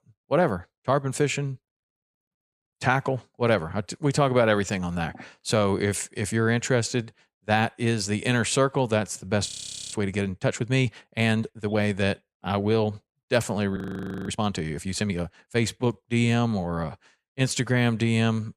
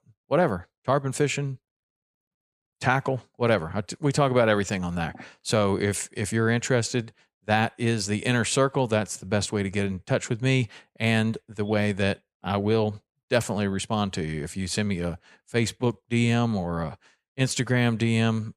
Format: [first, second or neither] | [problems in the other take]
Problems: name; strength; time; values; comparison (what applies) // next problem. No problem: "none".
second | audio freezing; at 9.5 s and at 14 s for 0.5 s